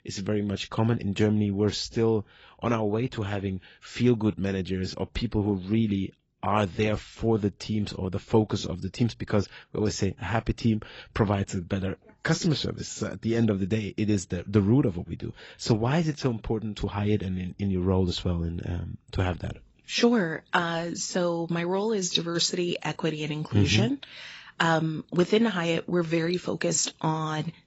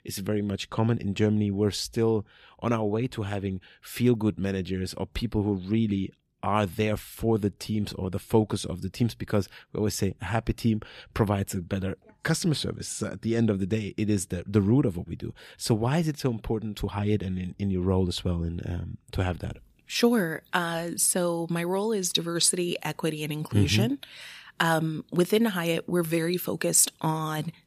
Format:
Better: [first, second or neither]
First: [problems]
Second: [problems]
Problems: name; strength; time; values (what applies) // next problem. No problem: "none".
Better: second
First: garbled, watery; badly; nothing above 7.5 kHz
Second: none